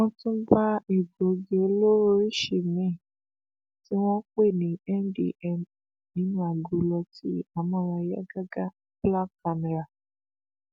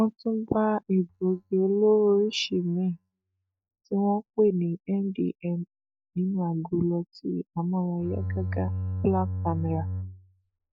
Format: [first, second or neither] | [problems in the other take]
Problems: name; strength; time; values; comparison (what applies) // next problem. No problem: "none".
first | noise reduction (neural mask model DeepFilterNet 3)